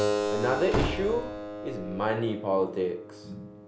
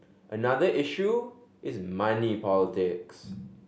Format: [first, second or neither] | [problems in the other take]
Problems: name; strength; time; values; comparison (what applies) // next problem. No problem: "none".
second | background sound (Slam / Wood + Keyboard (musical)); 2 dB below the speech